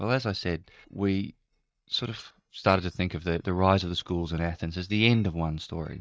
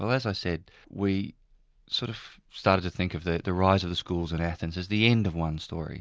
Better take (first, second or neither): second